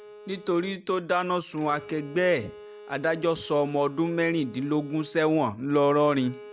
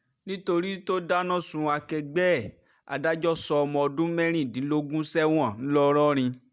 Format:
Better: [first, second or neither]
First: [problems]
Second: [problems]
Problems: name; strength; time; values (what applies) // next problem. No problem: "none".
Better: second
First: background sound (Bowed string instrument); 20 dB below the speech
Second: none